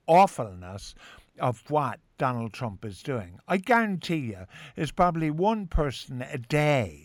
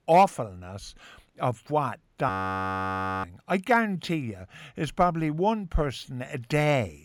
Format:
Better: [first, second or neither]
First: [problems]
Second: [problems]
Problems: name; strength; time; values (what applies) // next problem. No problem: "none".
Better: first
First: none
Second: audio freezing; at 2.5 s for 1 s